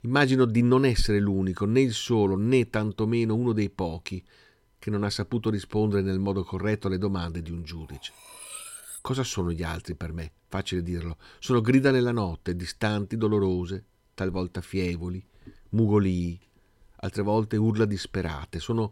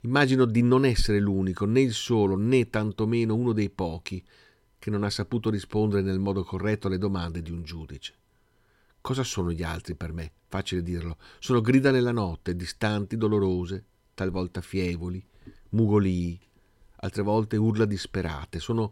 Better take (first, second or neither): second